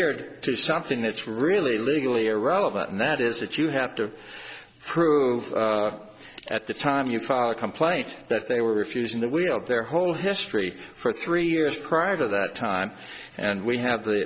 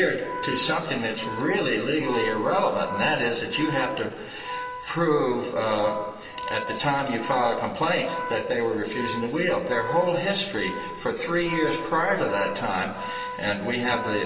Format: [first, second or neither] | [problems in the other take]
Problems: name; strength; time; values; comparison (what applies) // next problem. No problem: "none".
first | background sound (Organ); 10 dB below the speech // room echo; dies away in 2.6 s